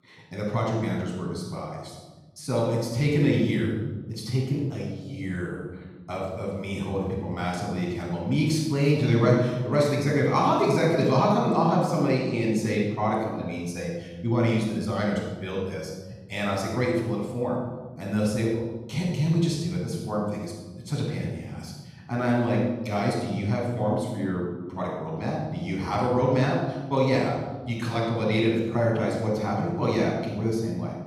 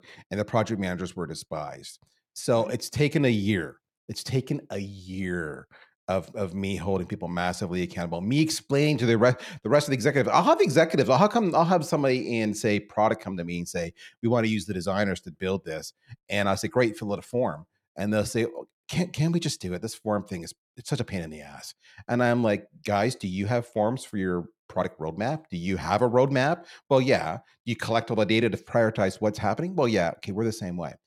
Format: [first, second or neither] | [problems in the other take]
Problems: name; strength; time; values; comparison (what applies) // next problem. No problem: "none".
second | off-mic speech; far // room echo; noticeable; dies away in 1.4 s